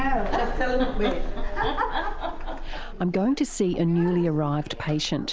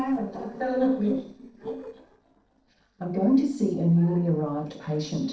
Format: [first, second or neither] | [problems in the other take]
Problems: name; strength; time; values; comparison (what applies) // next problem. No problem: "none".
first | noise reduction (neural separator model SepFormer DNS4)